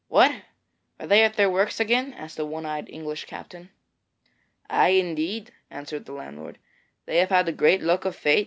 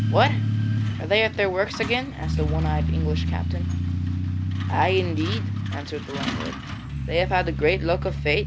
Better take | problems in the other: first | background sound (Truck); 1 dB above the speech

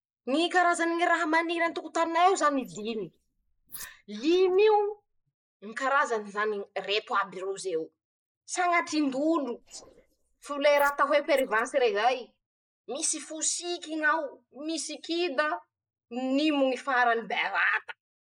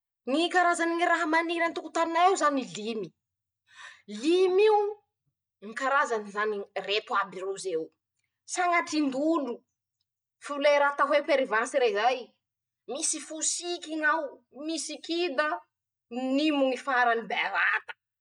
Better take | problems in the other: second | noise reduction (neural mask model Resemble Enhance denoiser)

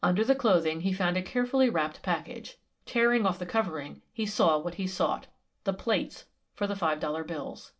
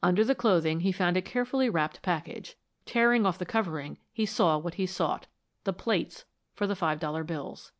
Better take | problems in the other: second | room echo; dies away in 0.2 s

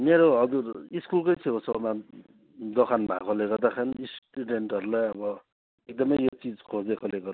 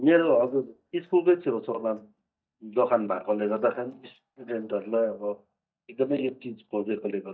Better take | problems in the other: first | noise reduction (neural mask model DeepFilterNet 3)

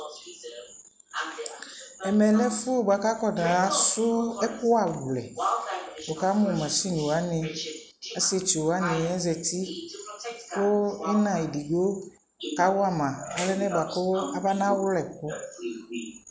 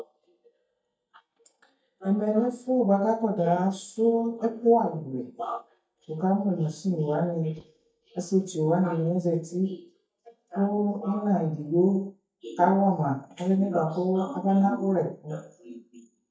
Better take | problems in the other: first | noise reduction (neural mask model DeepFilterNet 3)

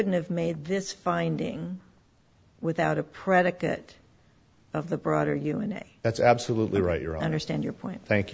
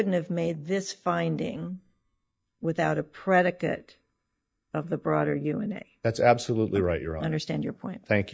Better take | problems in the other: first | noise reduction (neural mask model DeepFilterNet 3)

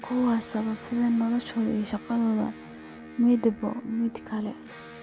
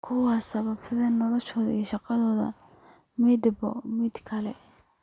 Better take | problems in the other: second | background sound (Electric guitar); 16 dB below the speech

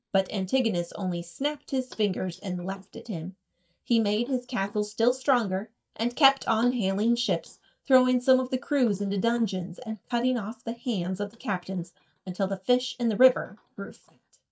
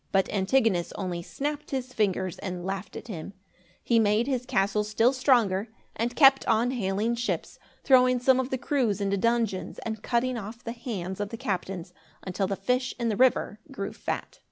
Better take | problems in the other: second | noise reduction (neural mask model DeepFilterNet 3)

